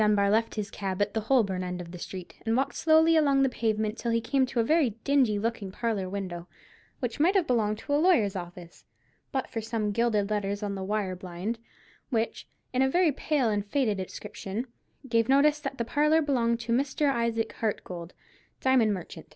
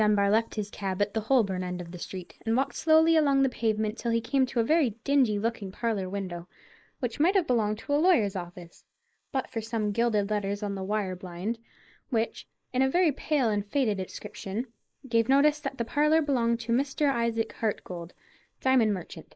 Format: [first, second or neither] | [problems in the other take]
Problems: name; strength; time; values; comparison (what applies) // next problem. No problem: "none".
first | noise reduction (neural mask model Resemble Enhance denoiser)